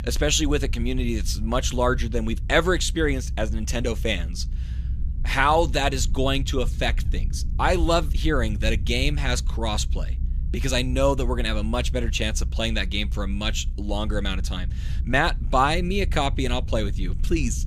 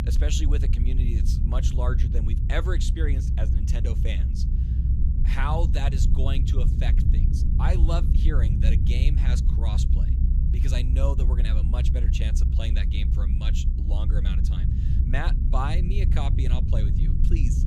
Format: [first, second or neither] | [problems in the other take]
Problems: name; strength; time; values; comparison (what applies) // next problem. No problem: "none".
first | low rumble; loud; throughout; 5 dB below the speech; faint in the first